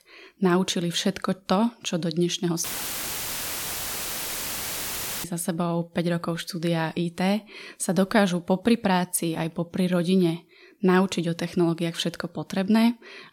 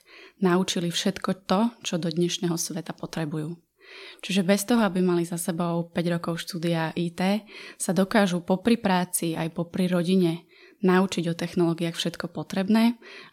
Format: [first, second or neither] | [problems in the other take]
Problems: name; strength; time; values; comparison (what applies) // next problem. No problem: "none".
second | audio cutting out; filled with static; at 2.5 s for 2.5 s